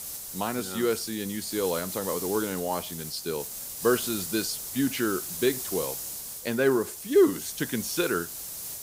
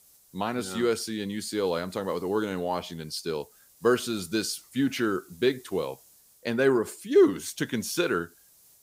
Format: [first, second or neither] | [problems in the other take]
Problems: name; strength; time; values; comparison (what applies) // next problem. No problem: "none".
second | hiss; loud; throughout; 6 dB below the speech; faint in the second